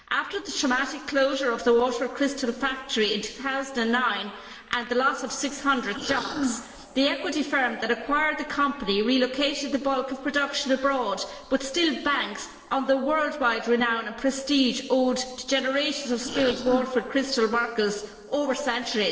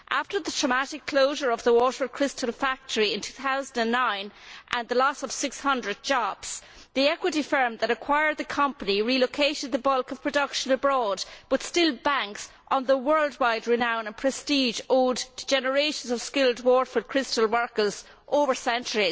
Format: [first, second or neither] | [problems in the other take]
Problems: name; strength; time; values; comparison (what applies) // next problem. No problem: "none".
second | noise reduction (neural separator model SepFormer DNS4)